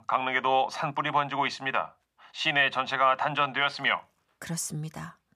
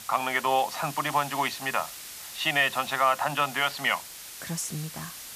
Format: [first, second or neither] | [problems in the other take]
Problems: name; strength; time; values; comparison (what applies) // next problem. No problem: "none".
first | hiss; noticeable; throughout; 10 dB below the speech